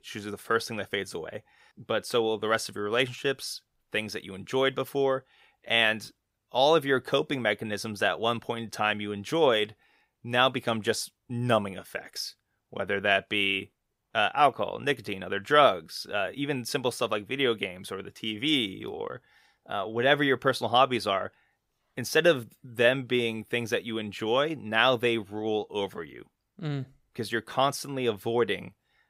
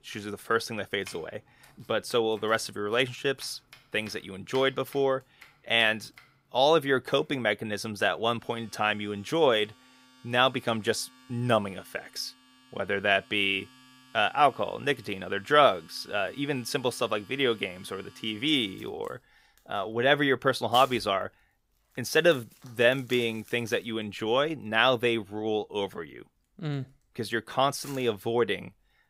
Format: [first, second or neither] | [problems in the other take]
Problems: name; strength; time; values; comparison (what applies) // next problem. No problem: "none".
first | household noises; faint; throughout; 25 dB below the speech